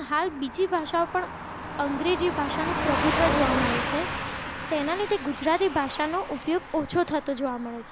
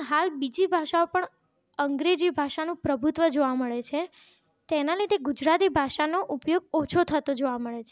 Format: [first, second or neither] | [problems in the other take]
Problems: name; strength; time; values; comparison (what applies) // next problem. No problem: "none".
second | background sound (Car passing by / Truck); 4 dB below the speech